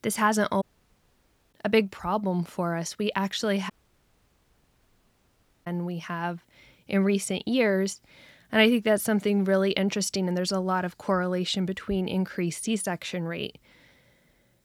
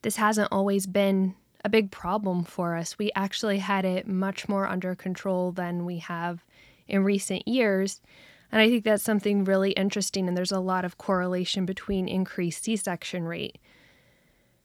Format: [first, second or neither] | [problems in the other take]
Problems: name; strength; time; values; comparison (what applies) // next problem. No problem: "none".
second | audio cutting out; at 0.5 s for 1 s and at 3.5 s for 2 s